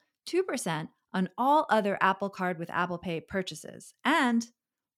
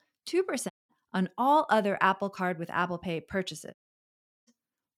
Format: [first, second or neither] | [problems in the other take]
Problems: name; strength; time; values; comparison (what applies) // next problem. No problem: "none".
first | audio cutting out; at 0.5 s and at 3.5 s for 0.5 s